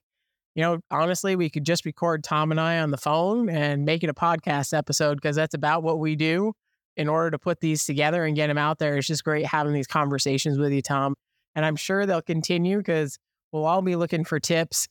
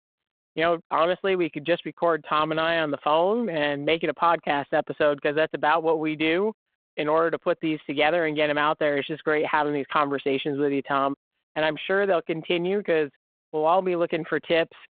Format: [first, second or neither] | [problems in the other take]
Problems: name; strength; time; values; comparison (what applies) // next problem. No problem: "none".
first | phone-call audio